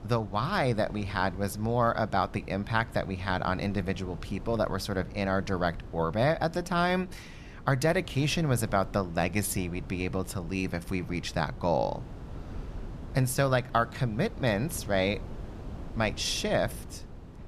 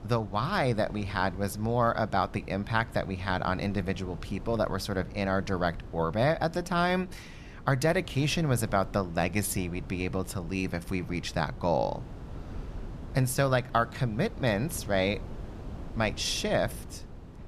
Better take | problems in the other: neither | wind noise on the microphone; occasional gusts; 20 dB below the speech; the same in both

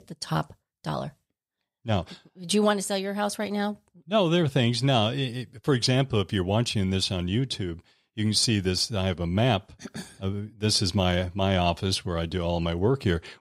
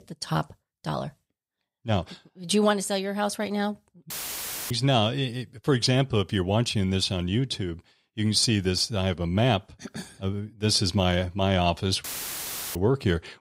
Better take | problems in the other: first | audio cutting out; filled with static; at 4 s for 0.5 s and at 12 s for 0.5 s

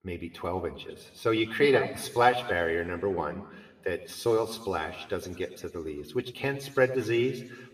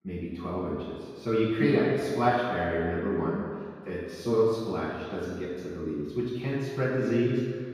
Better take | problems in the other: first | room echo; strong; dies away in 2 s; slight in the first // off-mic speech; far

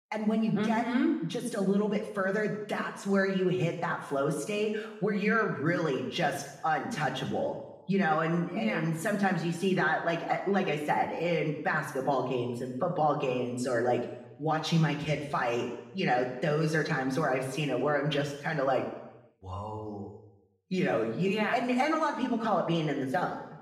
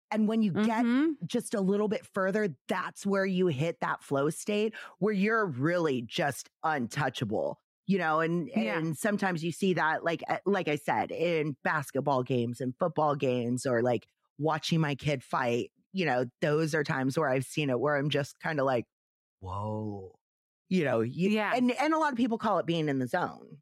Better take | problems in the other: second | room echo; noticeable; dies away in 0.8 s // off-mic speech; far

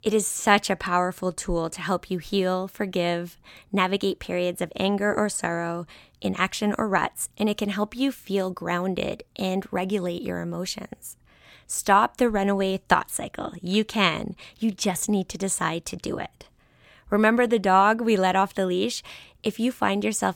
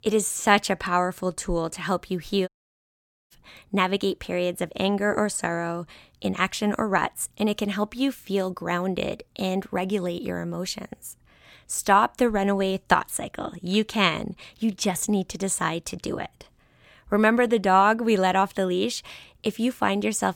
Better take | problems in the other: first | audio cutting out; at 2.5 s for 1 s

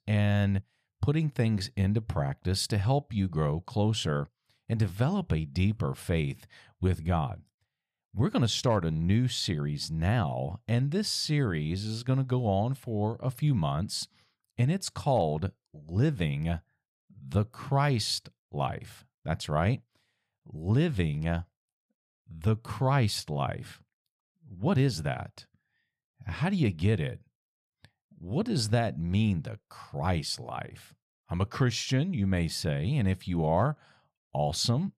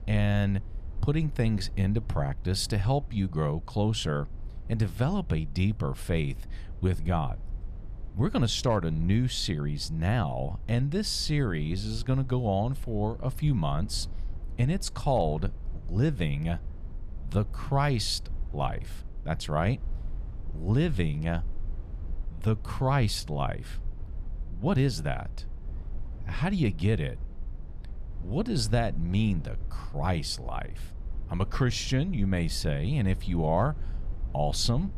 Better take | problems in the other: first | low rumble; faint; throughout; 25 dB below the speech

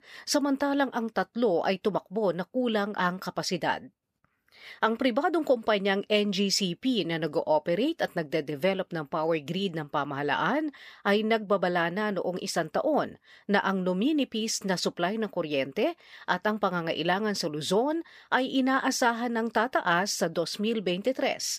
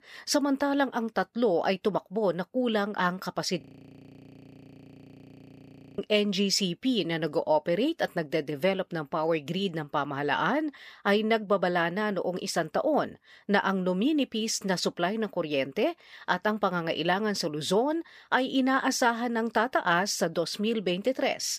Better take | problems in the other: first | audio freezing; at 3.5 s for 2.5 s

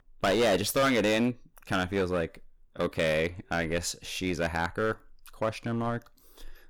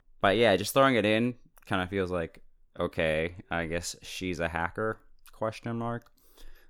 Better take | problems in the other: second | distortion; heavy; 8% of the sound clipped

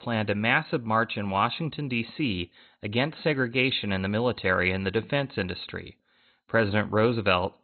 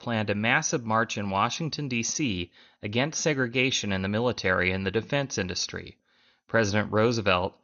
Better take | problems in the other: second | garbled, watery; badly; nothing above 4 kHz; slightly in the second

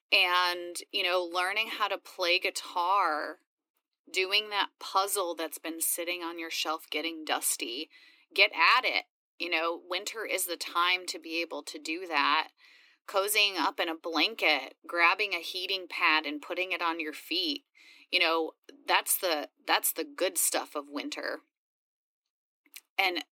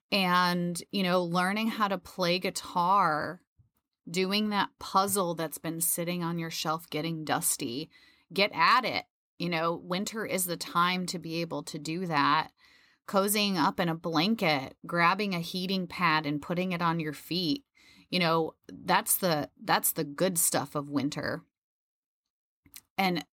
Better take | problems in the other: second | thin; somewhat; fading below 300 Hz

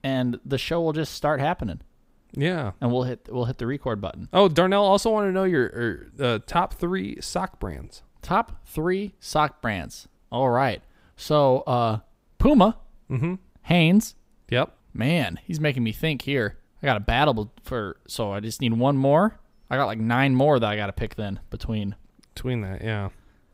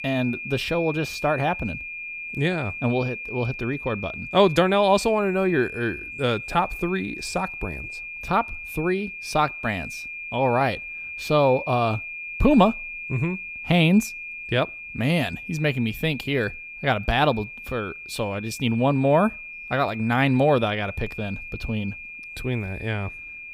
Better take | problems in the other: first | high-pitched whine; loud; throughout; 2.5 kHz, 10 dB below the speech

